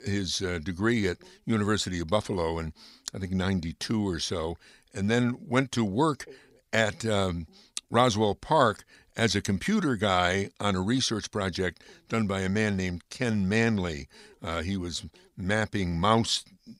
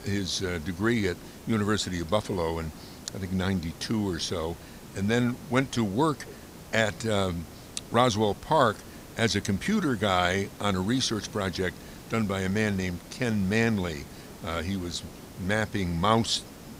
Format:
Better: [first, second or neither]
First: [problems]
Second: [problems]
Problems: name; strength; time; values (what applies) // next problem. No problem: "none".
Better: first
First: none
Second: hiss; noticeable; throughout; 15 dB below the speech